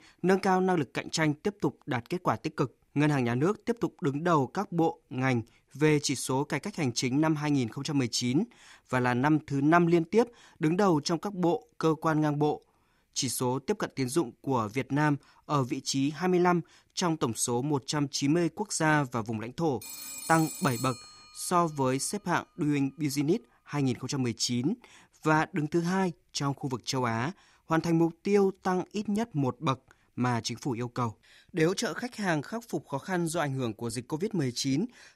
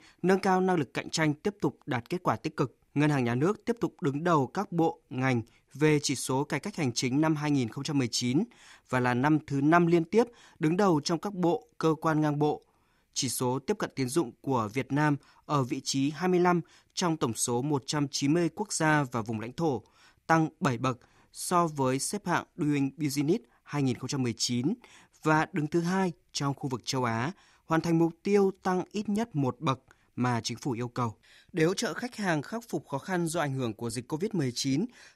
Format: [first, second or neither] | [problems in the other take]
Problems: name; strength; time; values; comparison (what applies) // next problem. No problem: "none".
second | phone ringing; noticeable; from 20 to 21 s; peak 7 dB below the speech